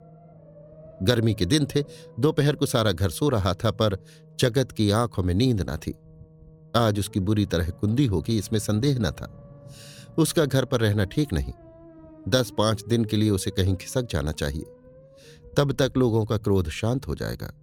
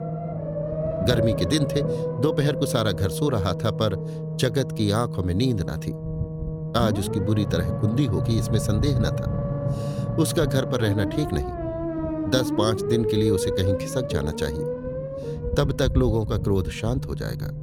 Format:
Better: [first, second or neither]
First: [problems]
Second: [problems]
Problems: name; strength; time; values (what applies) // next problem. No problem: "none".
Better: first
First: low rumble; faint; throughout; 25 dB below the speech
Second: low rumble; loud; throughout; 3 dB below the speech